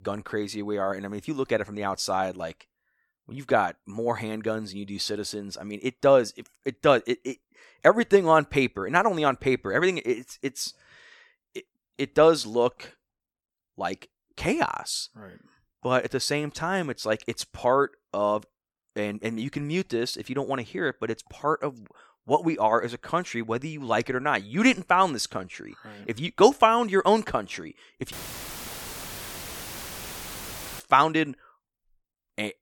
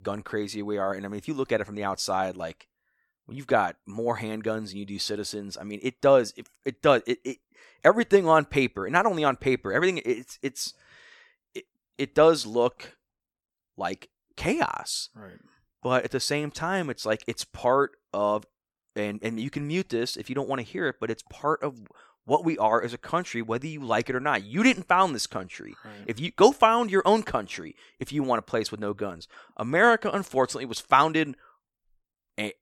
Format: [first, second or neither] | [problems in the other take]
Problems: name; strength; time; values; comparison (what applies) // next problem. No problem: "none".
second | audio cutting out; filled with static; at 28 s for 2.5 s